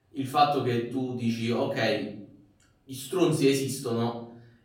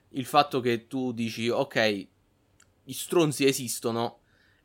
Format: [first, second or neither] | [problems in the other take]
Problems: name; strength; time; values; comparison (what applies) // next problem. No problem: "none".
second | off-mic speech; far // room echo; slight; dies away in 0.7 s